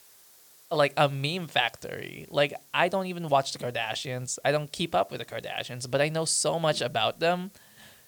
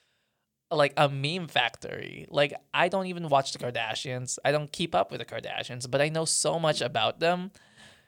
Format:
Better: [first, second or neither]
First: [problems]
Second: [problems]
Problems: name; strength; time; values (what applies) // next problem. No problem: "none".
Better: second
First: hiss; faint; throughout; 25 dB below the speech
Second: none